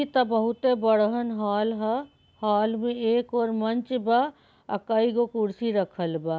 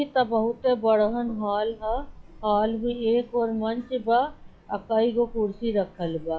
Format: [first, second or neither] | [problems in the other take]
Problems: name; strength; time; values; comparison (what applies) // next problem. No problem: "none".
first | noise reduction (classical method log-MMSE)